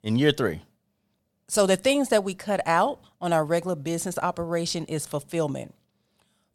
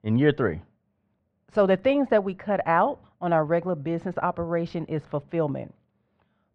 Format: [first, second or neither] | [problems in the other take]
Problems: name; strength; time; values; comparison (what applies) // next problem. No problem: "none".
first | muffled; very; fading above 2 kHz